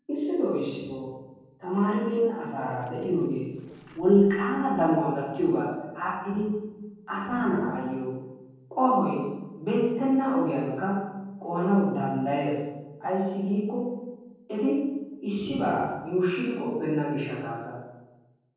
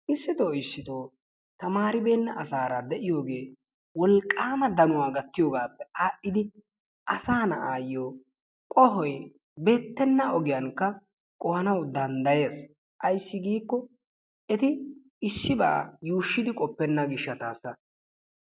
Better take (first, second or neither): second